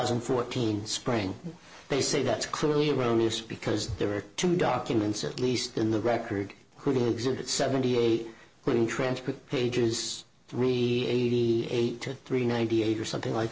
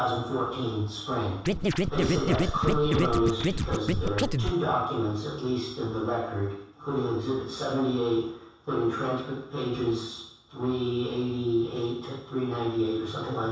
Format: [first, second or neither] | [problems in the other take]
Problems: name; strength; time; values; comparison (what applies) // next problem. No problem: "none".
first | background sound (Scratching (performance technique)); 2 dB above the speech // room echo; dies away in 0.7 s